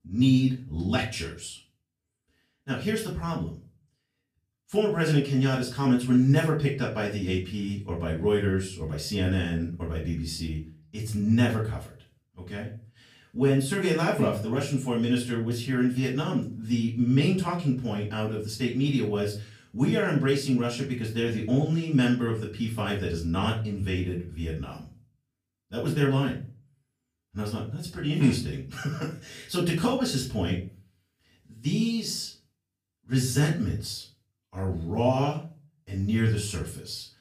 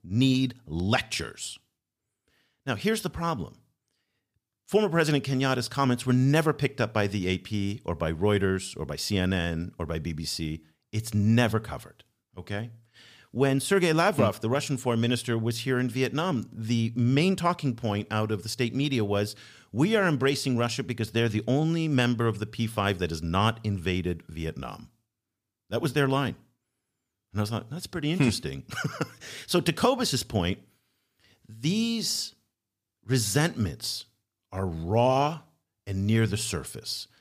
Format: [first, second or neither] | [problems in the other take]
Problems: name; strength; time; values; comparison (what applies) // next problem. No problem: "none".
second | off-mic speech; far // room echo; slight; dies away in 0.3 s